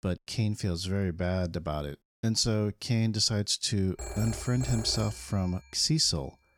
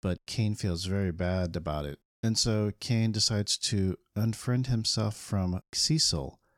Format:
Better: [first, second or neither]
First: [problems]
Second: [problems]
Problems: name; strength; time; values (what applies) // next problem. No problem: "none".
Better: second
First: phone ringing; noticeable; from 4 to 5.5 s; peak 8 dB below the speech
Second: none